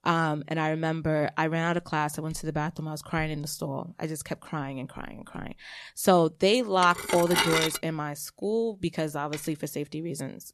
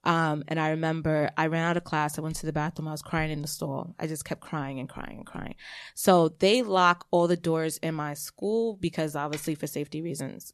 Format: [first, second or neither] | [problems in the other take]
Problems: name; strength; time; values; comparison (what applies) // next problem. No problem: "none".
second | clattering dishes; loud; at 7 s; peak 4 dB above the speech